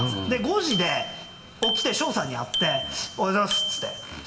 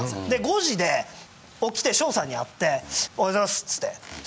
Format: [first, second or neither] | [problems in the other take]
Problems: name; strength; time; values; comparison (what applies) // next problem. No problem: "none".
second | background sound (Bicycle bell); 4 dB below the speech // room echo; dies away in 1.7 s